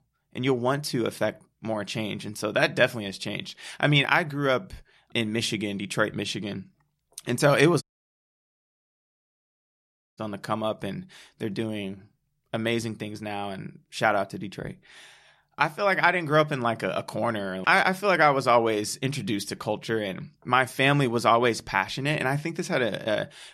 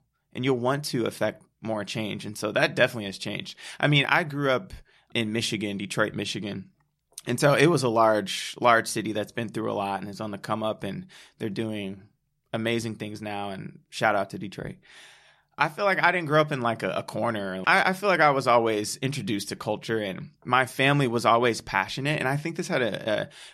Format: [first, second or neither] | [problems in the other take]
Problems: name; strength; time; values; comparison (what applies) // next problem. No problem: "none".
second | audio cutting out; at 8 s for 2.5 s